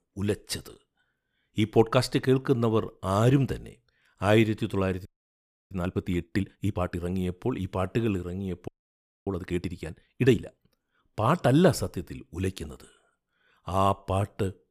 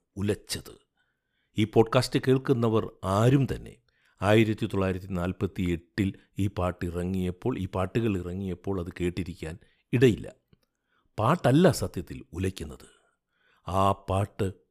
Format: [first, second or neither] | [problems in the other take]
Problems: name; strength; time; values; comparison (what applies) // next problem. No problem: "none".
second | audio freezing; at 5 s for 0.5 s and at 8.5 s for 0.5 s